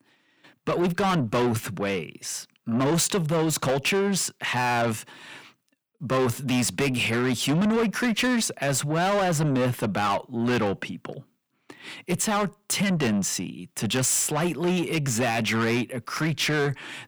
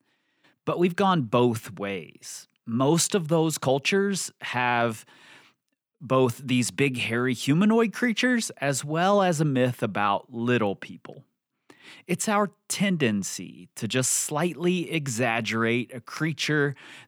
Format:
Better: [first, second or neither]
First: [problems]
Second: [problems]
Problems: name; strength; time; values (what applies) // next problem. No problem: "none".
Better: second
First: distortion; heavy; 7 dB below the speech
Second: none